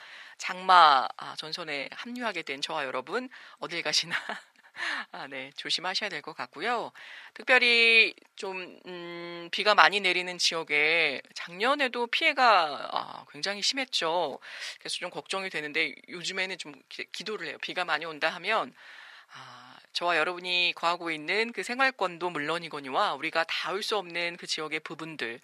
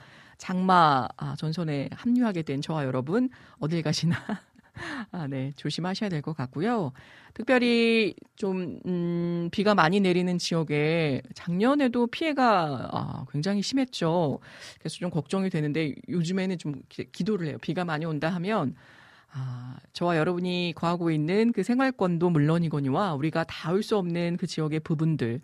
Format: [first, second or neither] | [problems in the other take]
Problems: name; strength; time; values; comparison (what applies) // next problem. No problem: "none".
second | thin; very; fading below 700 Hz